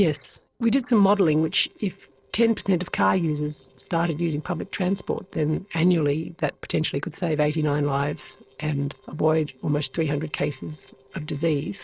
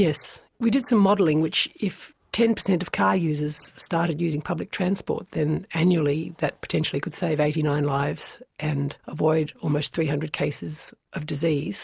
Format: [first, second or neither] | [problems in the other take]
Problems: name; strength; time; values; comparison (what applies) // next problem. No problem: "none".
second | noise reduction (neural separator model SepFormer DNS4)